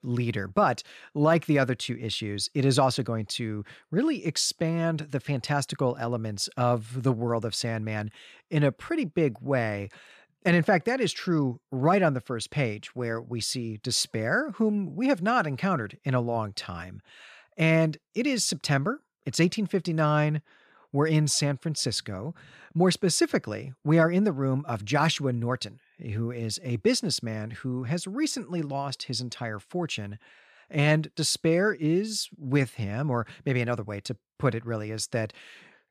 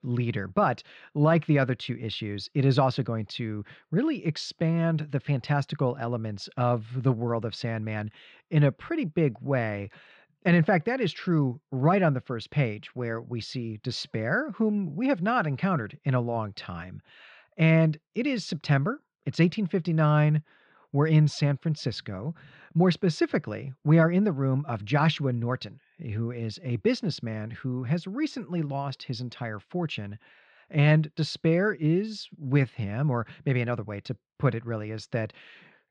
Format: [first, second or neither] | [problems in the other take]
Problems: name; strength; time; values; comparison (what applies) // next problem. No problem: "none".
first | muffled; very slightly; fading above 4 kHz